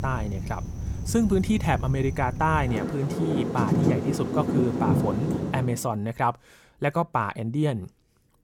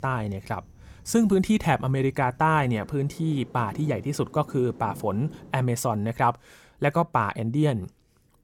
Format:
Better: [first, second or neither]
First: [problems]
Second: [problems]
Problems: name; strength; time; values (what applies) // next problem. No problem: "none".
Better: second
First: rain or running water; loud; until 5.5 s; 1 dB below the speech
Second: rain or running water; faint; until 5.5 s; 20 dB below the speech